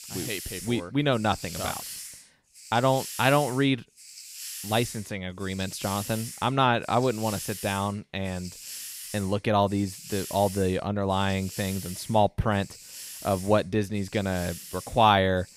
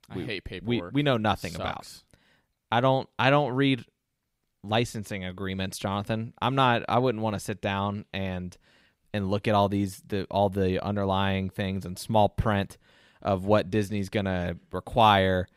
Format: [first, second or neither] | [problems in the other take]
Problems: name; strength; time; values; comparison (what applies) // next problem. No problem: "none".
second | hiss; noticeable; throughout; 10 dB below the speech